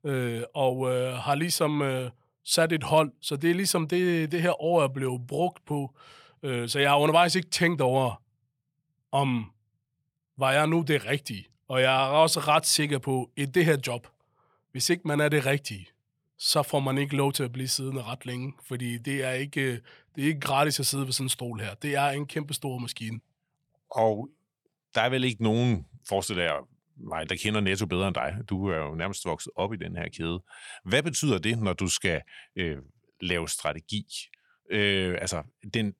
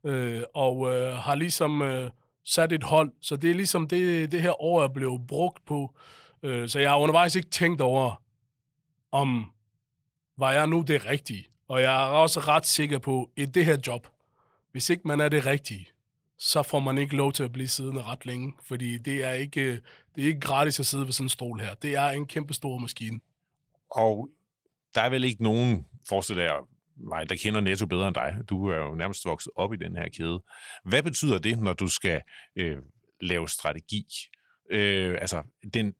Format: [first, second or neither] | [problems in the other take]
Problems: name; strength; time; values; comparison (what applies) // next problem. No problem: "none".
first | garbled, watery; slightly; nothing above 17.5 kHz